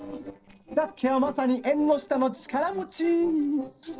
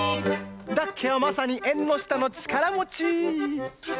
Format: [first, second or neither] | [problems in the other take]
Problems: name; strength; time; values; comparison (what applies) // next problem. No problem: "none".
second | noise reduction (neural separator model SepFormer DNS4)